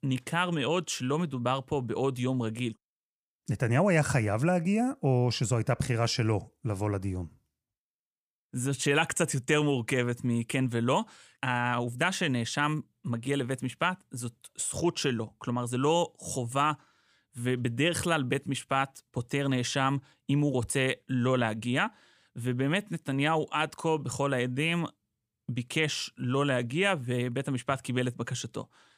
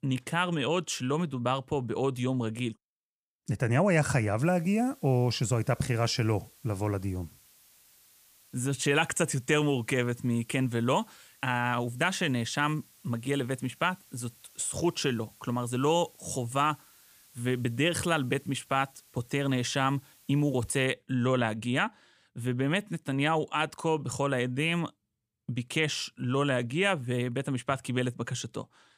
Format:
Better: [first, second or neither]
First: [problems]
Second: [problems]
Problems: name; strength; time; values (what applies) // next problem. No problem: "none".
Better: first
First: none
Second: hiss; faint; from 4.5 to 21 s; 25 dB below the speech